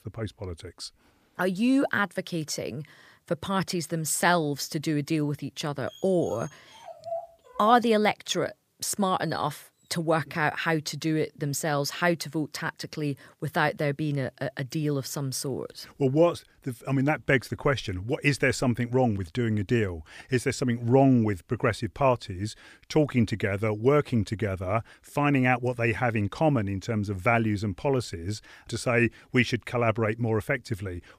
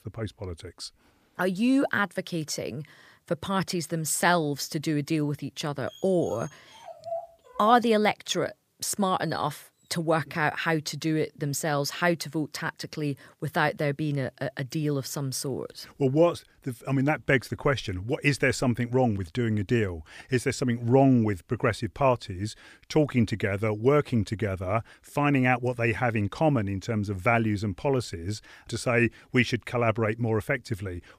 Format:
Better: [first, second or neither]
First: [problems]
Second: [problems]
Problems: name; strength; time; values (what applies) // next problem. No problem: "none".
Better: neither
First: dog barking; noticeable; from 6 to 9.5 s; peak 9 dB below the speech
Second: dog barking; noticeable; from 6 to 9.5 s; peak 9 dB below the speech